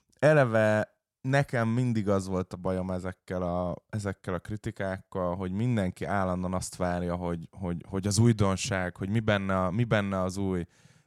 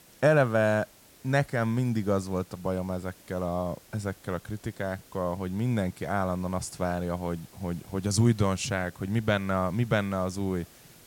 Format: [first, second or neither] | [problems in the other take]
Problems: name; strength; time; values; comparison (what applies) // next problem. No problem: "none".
first | hiss; faint; throughout; 25 dB below the speech